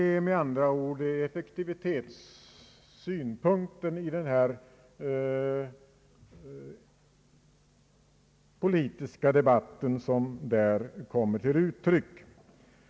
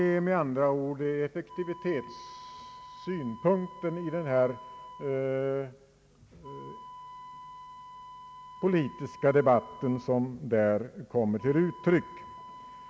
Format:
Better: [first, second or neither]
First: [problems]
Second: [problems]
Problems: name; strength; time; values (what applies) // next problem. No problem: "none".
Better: first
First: none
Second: background sound (Wind instrument, woodwind instrument); 18 dB below the speech